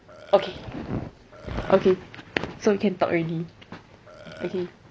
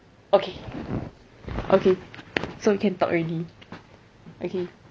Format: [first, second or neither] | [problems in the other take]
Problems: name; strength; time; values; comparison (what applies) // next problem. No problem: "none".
second | background sound (Burping, eructation); 19 dB below the speech